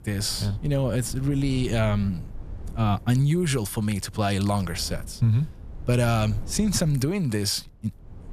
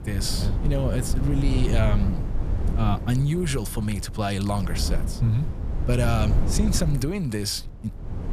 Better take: first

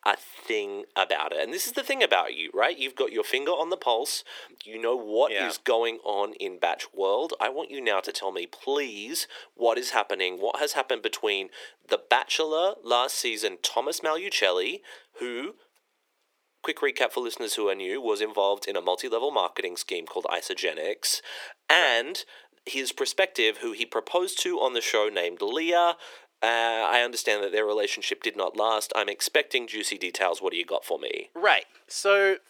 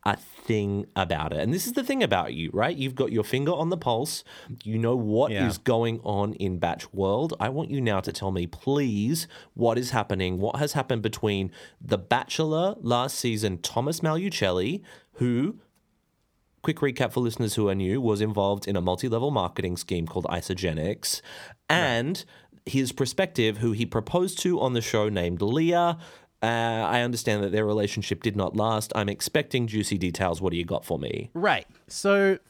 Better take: second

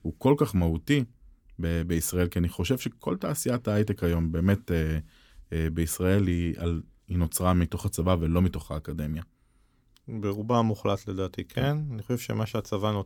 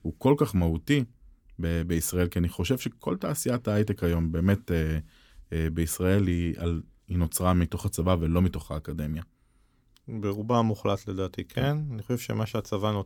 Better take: neither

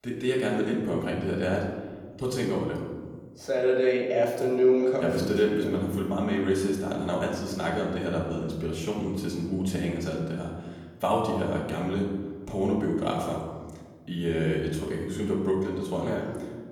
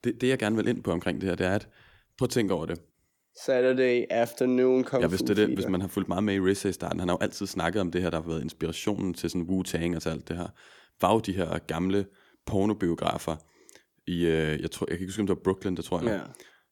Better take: second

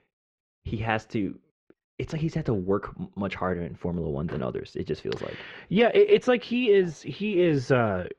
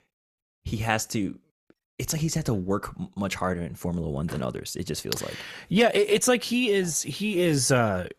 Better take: second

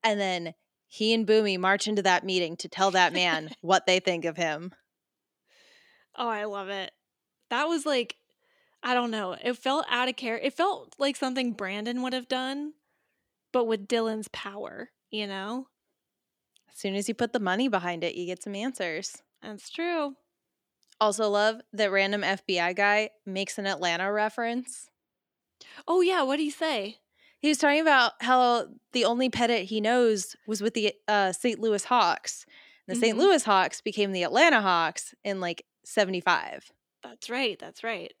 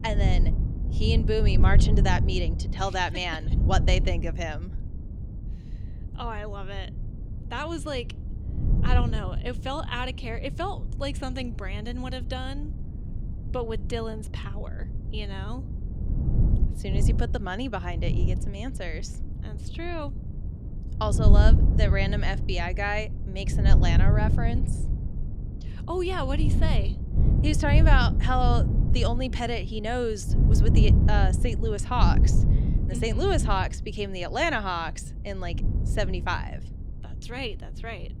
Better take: first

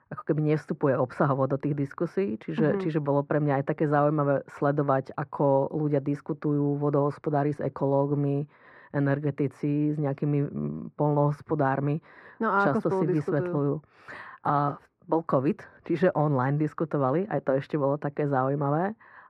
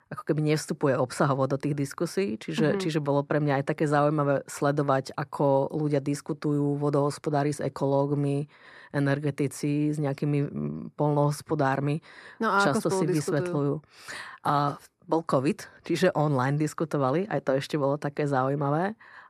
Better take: second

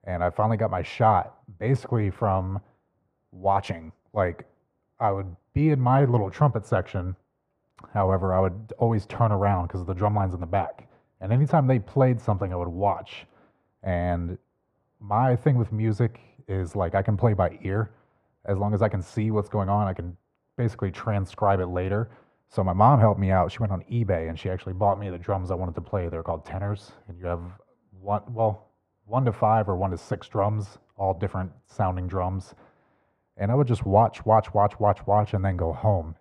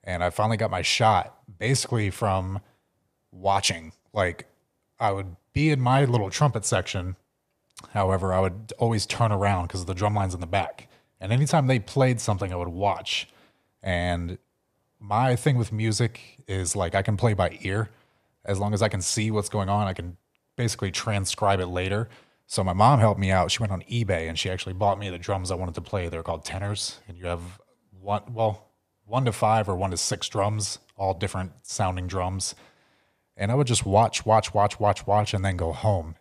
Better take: second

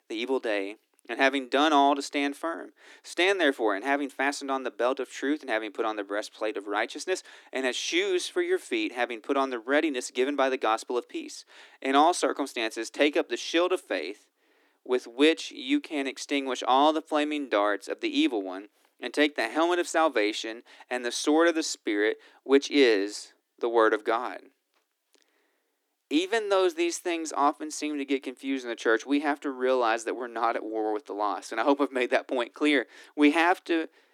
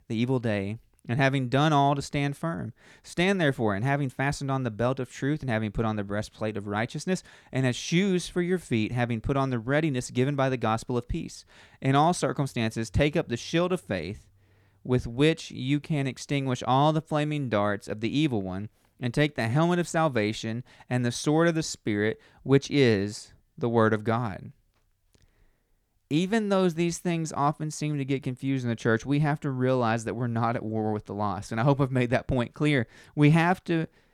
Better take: second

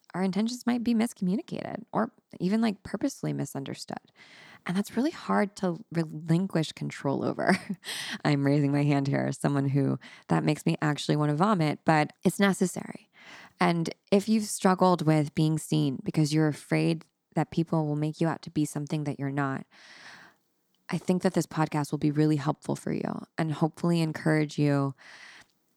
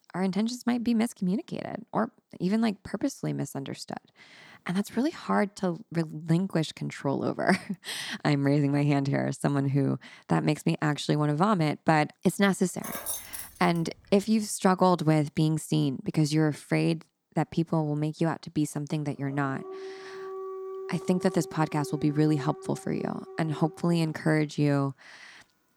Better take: first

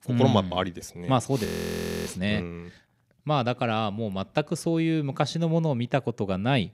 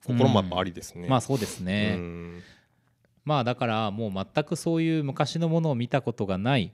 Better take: second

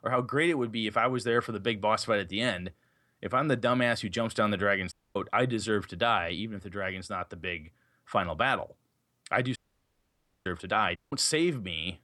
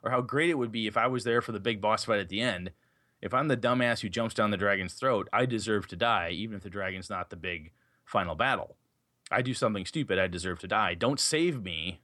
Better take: second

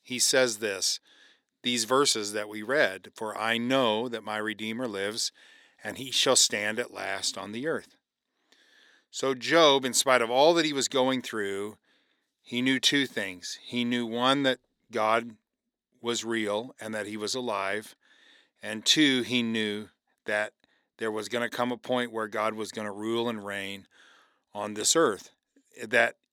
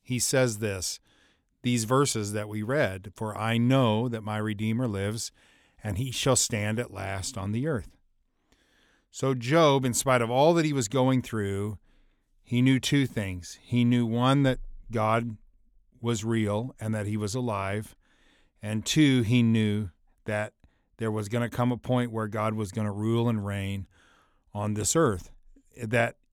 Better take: second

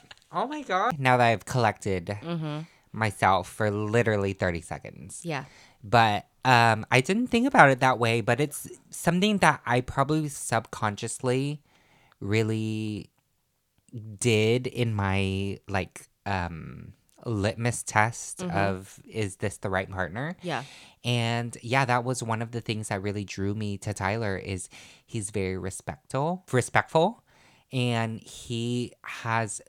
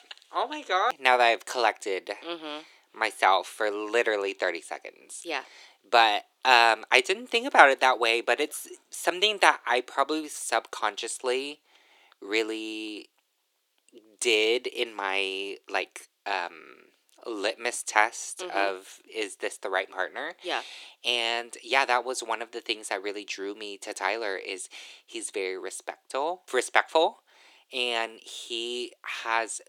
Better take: first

